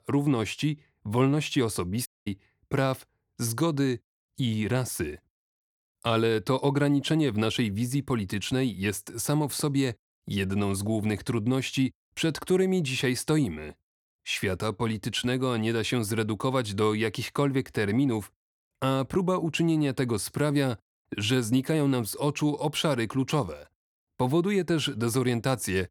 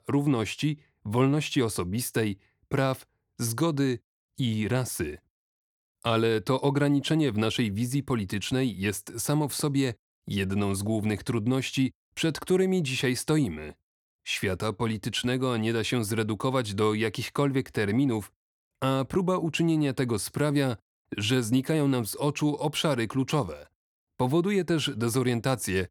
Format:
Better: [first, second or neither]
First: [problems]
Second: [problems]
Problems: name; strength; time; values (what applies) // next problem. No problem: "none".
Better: second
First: audio cutting out; at 2 s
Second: none